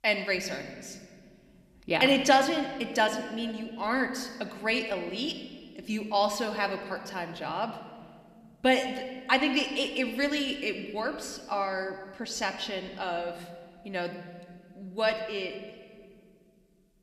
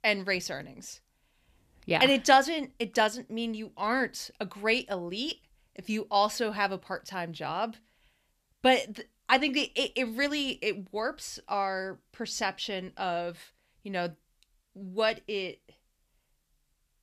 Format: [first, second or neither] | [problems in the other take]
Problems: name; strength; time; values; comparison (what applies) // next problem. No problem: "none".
second | room echo; slight; dies away in 1.6 s